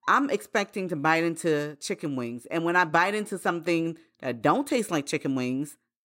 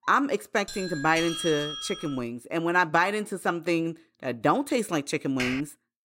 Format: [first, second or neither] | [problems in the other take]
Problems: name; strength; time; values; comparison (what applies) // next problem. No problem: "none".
first | doorbell; noticeable; from 0.5 to 2 s; peak 4 dB below the speech // keyboard typing; noticeable; at 5.5 s; peak 5 dB below the speech